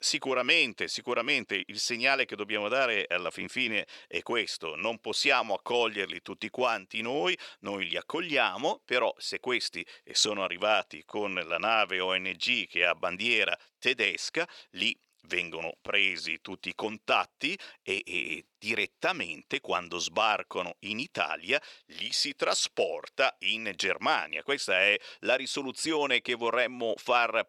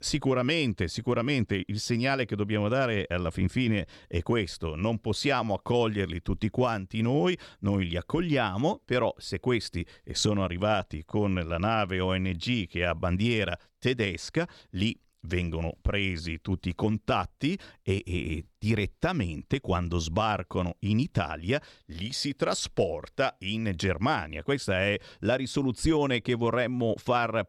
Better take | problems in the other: second | thin; somewhat; fading below 500 Hz

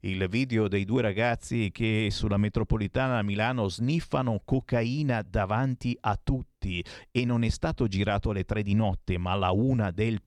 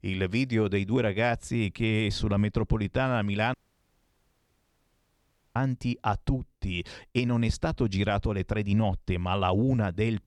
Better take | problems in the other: first | audio cutting out; at 3.5 s for 2 s

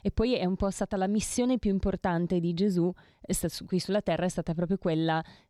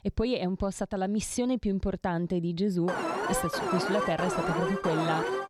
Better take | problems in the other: first | alarm; loud; from 3 s on; peak 1 dB above the speech

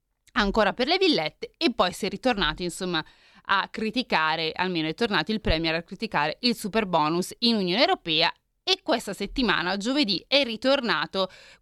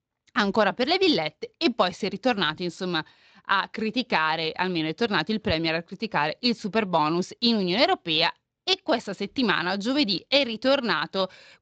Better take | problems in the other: first | garbled, watery; slightly; nothing above 7.5 kHz

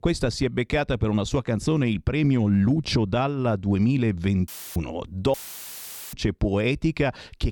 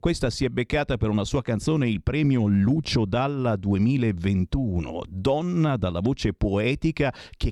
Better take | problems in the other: second | audio cutting out; filled with static; at 4.5 s and at 5.5 s for 1 s

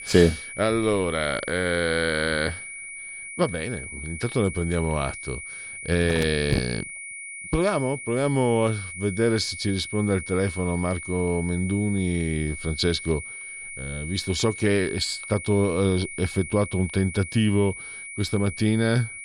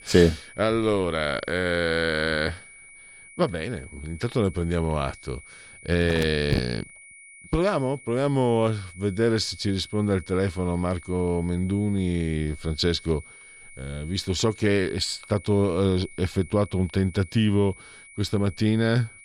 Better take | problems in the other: second | high-pitched whine; loud; throughout; 2 kHz, 10 dB below the speech; faint in the second

